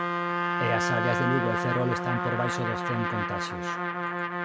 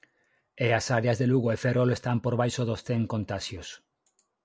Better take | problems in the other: second | background sound (Trumpet); 3 dB above the speech

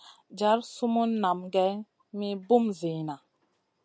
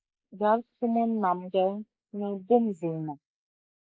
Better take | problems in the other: first | noise reduction (neural mask model Resemble Enhance denoiser)

